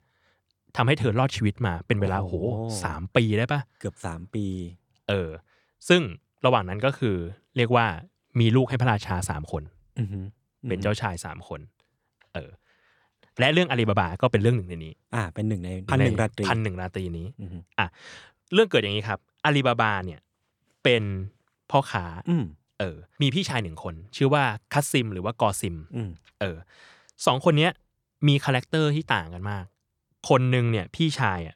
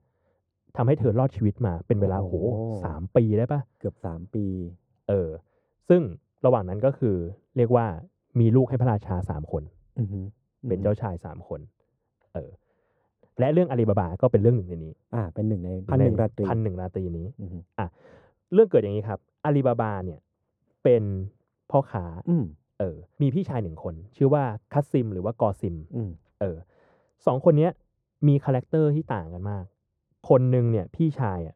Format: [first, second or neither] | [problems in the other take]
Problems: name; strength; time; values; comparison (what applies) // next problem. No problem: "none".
first | muffled; very; fading above 1.5 kHz